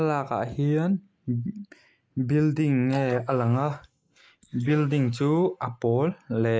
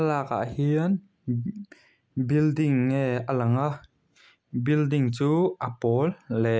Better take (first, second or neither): second